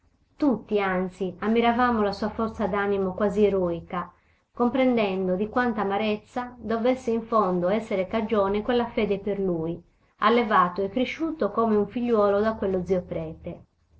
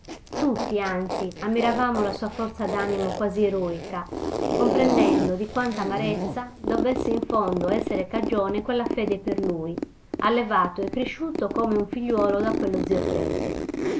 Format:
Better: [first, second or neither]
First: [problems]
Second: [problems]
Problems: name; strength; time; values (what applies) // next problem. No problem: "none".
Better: first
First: none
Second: background sound (Zipper (clothing)); 2 dB below the speech